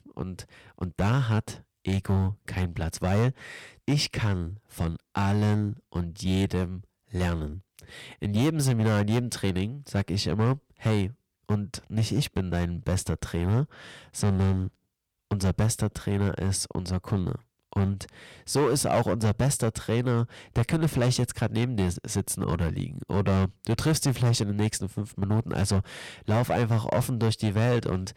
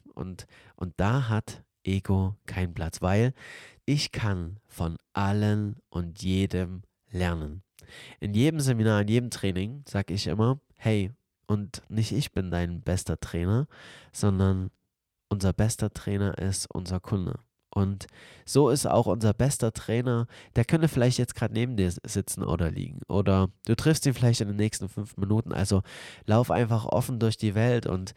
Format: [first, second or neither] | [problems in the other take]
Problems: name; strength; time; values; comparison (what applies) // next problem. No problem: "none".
second | distortion; slight; 7% of the sound clipped